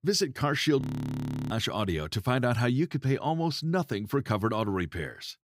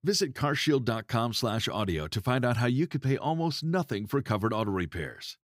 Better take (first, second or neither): second